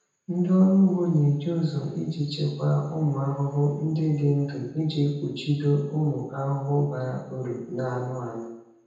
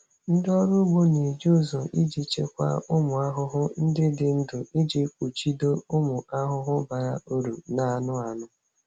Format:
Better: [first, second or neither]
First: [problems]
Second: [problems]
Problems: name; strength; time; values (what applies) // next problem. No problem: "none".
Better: second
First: room echo; dies away in 0.9 s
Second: none